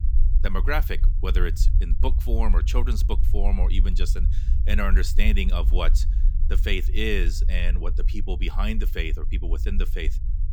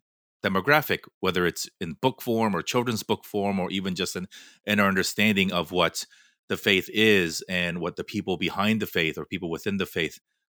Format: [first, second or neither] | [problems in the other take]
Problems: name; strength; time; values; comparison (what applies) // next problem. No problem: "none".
second | low rumble; noticeable; throughout; 15 dB below the speech